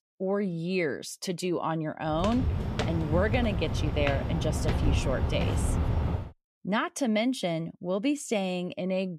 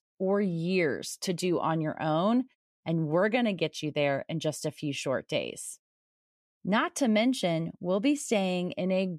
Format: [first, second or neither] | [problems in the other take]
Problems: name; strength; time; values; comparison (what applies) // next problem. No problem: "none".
second | footsteps; loud; from 2 to 6.5 s; peak 3 dB above the speech